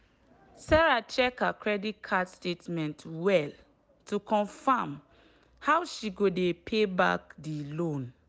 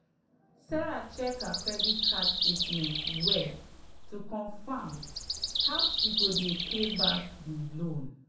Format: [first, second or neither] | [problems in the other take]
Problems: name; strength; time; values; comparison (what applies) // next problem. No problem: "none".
first | background sound (Bird vocalization, bird call, bird song); 4 dB above the speech // room echo; dies away in 0.5 s